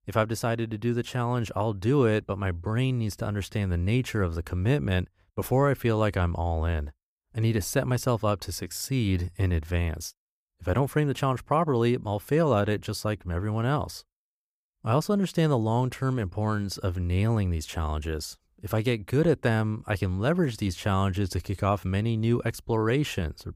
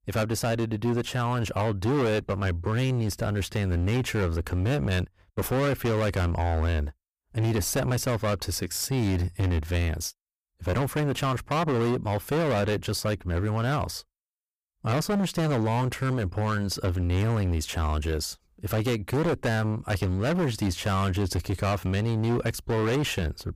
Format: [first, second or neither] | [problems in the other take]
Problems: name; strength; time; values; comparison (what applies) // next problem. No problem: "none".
first | distortion; heavy; 25% of the sound clipped